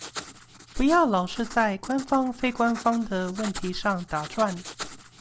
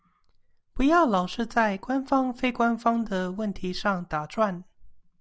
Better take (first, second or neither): second